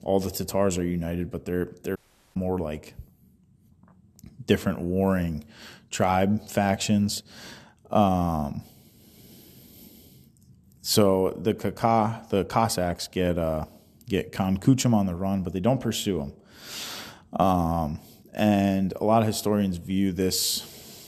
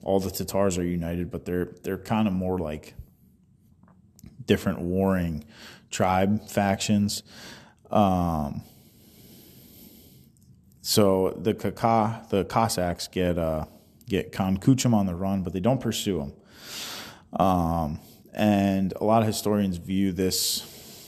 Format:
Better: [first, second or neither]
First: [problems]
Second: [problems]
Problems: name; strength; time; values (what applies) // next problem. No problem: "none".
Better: second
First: audio cutting out; at 2 s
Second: none